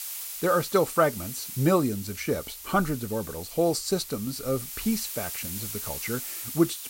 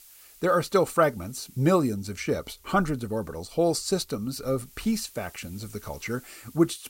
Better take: second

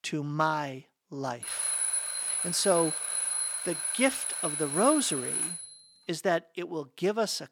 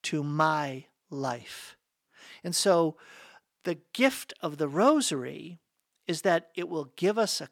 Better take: second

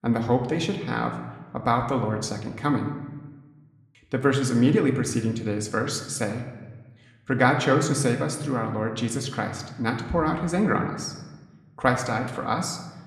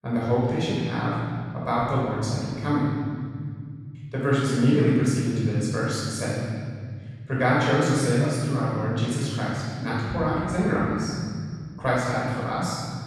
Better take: first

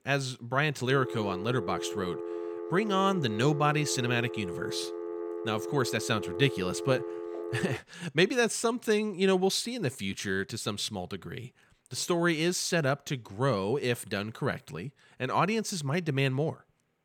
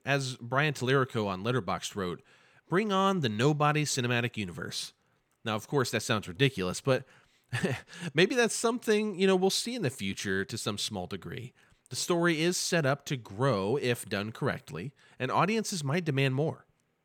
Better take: second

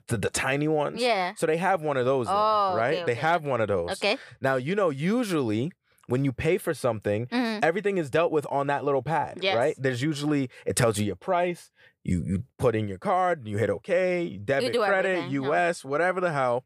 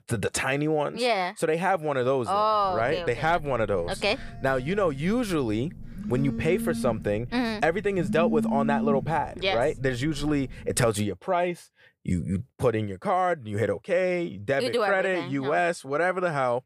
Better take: first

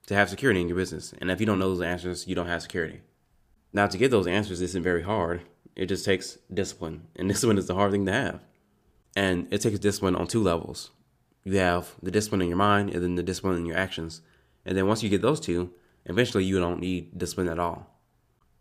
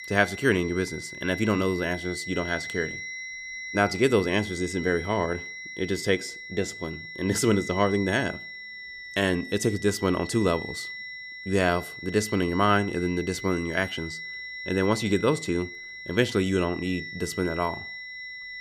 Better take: first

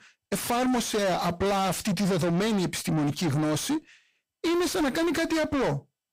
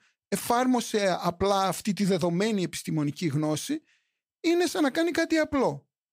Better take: second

